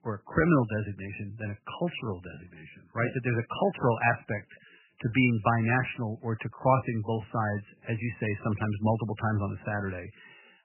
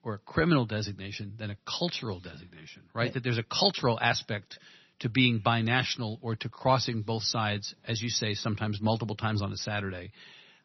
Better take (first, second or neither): second